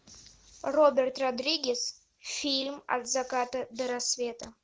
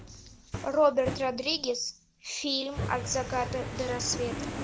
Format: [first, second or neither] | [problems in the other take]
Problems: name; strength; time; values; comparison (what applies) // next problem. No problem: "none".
first | background sound (Fire); 8 dB below the speech